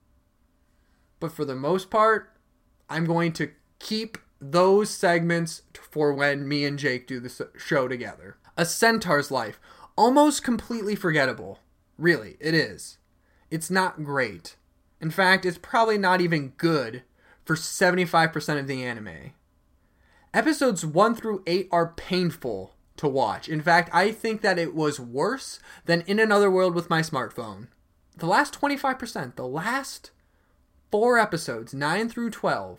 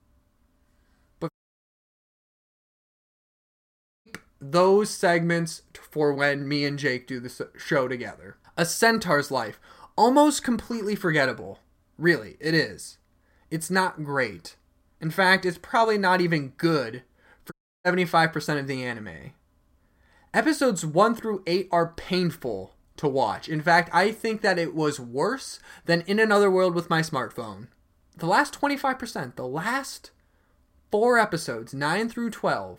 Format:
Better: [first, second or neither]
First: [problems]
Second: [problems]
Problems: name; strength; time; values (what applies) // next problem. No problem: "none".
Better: first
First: none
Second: audio cutting out; at 1.5 s for 3 s and at 18 s